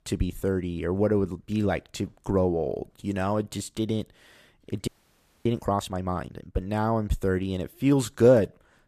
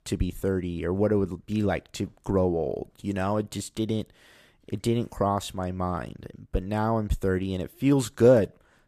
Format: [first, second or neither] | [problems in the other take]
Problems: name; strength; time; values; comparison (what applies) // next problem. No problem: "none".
second | audio freezing; at 5 s for 0.5 s